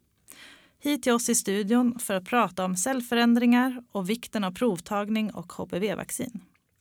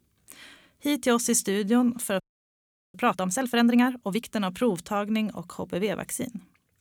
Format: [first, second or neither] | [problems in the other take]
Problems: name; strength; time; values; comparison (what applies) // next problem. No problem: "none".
first | audio freezing; at 2 s for 0.5 s